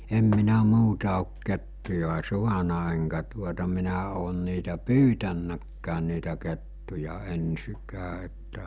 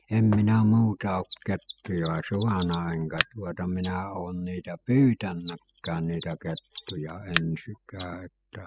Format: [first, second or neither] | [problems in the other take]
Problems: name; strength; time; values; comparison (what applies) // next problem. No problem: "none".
first | noise reduction (classical method spectral subtraction)